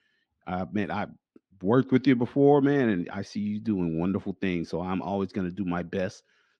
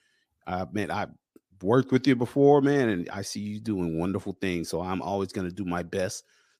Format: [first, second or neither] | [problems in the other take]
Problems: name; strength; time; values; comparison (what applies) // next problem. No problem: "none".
second | muffled; very slightly; fading above 3 kHz